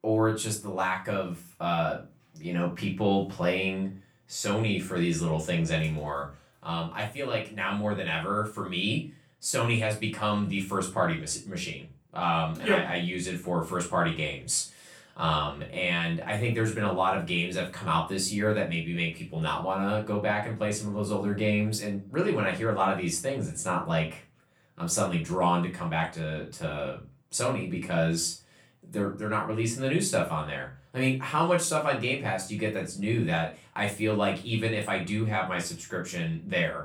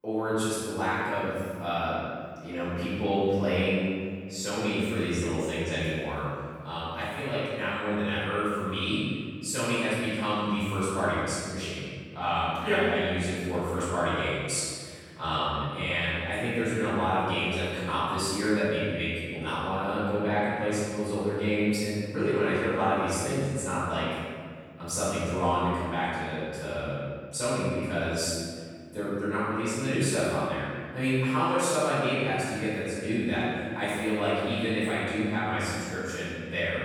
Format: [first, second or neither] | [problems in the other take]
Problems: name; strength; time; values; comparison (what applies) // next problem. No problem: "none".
first | room echo; strong; dies away in 1.8 s; slight in the first // off-mic speech; far; far in the first